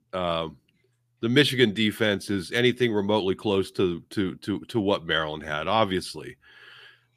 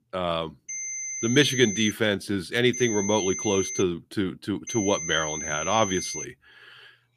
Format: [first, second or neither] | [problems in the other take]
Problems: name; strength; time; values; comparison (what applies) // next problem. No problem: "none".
first | high-pitched whine; loud; from 0.5 to 2 s, from 2.5 to 4 s and from 4.5 to 6 s; 6 kHz, 6 dB below the speech